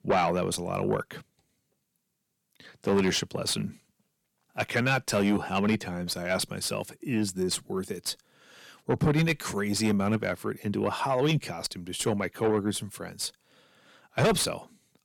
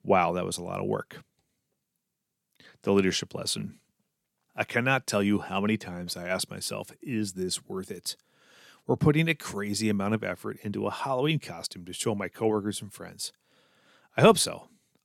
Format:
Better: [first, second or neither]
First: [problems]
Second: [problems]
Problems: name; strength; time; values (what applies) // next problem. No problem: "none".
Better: second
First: distortion; heavy; 7 dB below the speech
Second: none